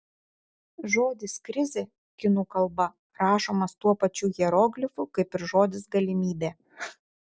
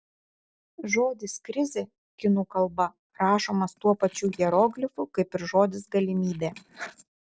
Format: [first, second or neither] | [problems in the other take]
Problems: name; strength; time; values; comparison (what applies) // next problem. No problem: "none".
first | noise reduction (neural separator model SepFormer DNS4)